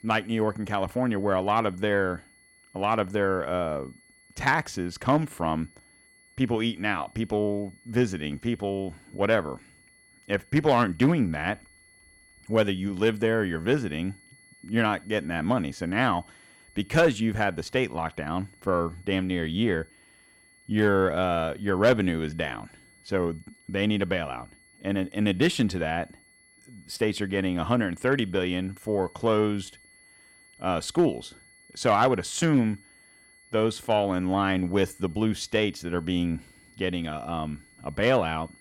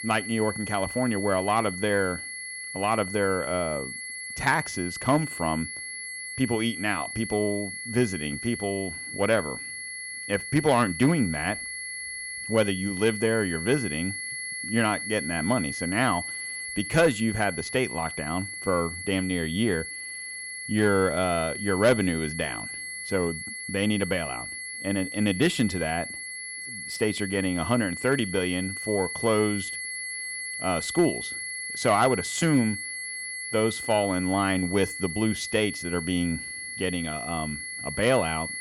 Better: first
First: high-pitched whine; faint; throughout; 2 kHz, 30 dB below the speech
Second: high-pitched whine; loud; throughout; 2 kHz, 6 dB below the speech

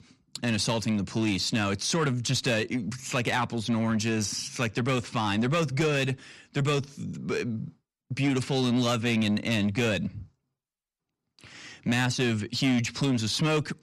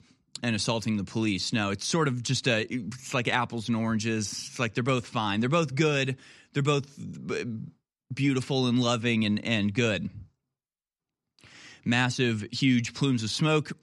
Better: second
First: distortion; slight; 10 dB below the speech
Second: none

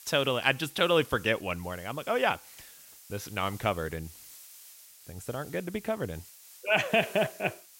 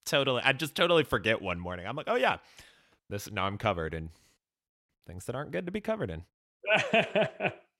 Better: second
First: hiss; noticeable; throughout; 20 dB below the speech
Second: none

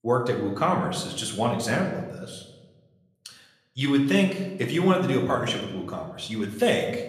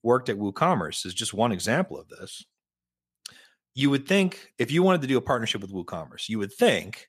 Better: second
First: room echo; slight; dies away in 0.9 s // off-mic speech; somewhat distant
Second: none

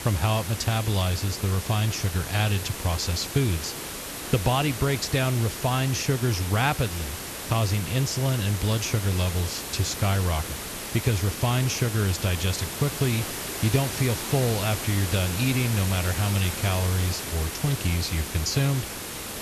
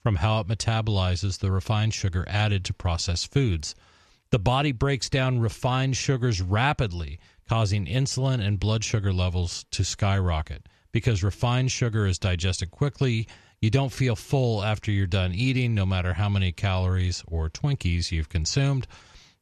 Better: second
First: hiss; loud; throughout; 6 dB below the speech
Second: none

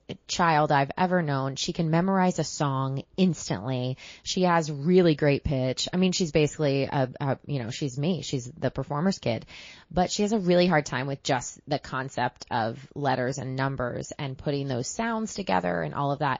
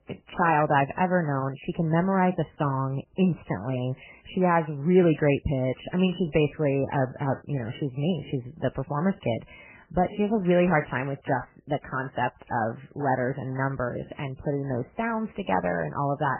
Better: first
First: garbled, watery; slightly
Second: garbled, watery; badly; nothing above 3 kHz

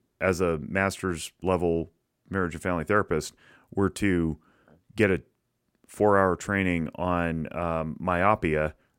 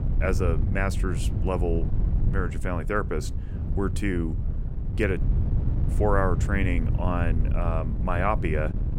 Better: first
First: none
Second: wind noise on the microphone; occasional gusts; 10 dB below the speech

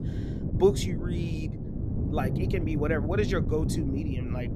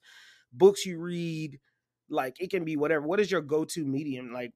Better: second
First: wind noise on the microphone; heavy; 8 dB below the speech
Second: none

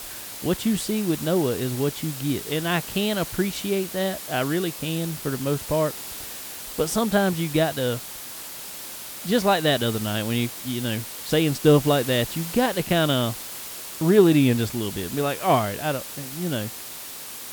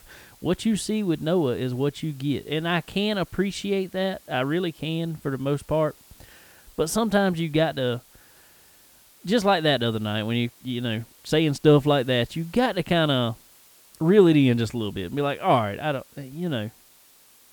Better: second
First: hiss; loud; throughout; 9 dB below the speech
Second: hiss; faint; throughout; 25 dB below the speech

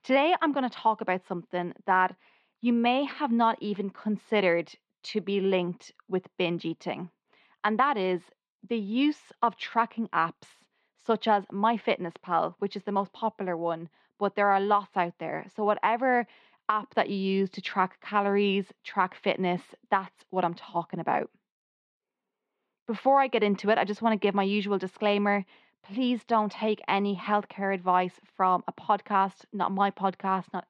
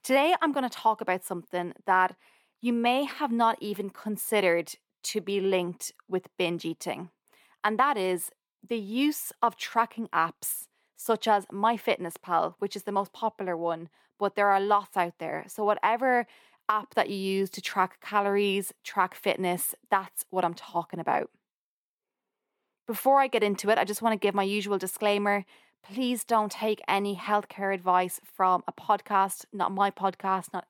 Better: second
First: muffled; very slightly; fading above 4.5 kHz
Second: none

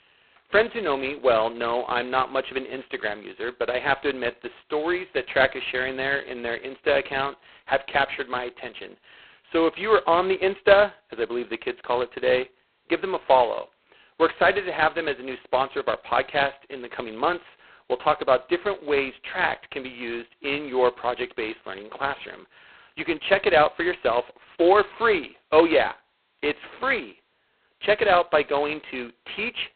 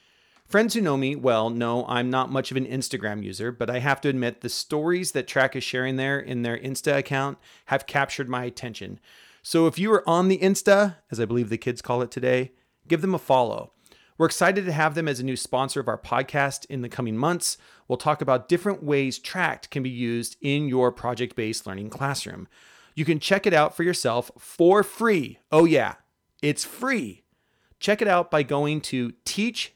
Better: second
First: phone-call audio; poor line; nothing above 4 kHz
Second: none

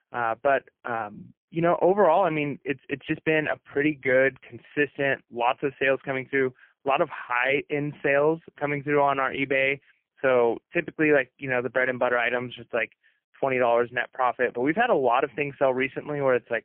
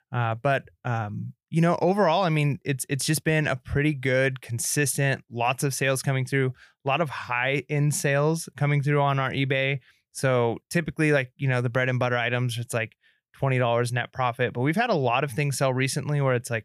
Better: second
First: phone-call audio; poor line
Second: none

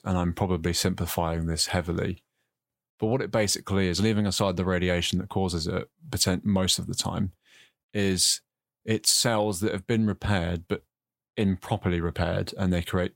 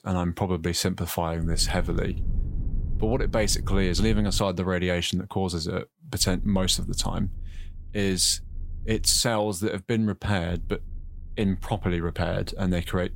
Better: first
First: none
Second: low rumble; faint; from 1.5 to 4.5 s, from 6 to 9 s and from 11 s on; 25 dB below the speech

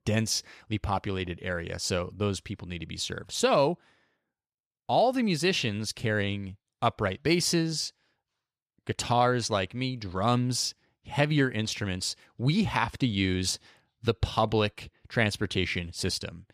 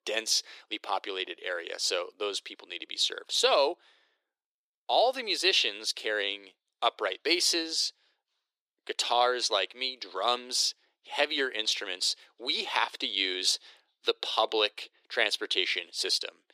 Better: first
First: none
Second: thin; very; fading below 350 Hz

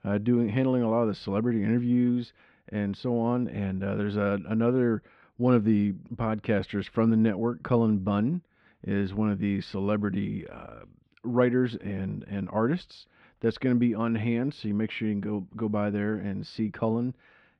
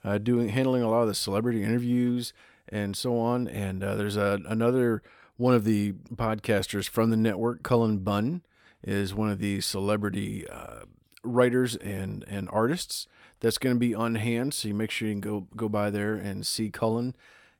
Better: second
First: muffled; slightly; fading above 3 kHz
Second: none

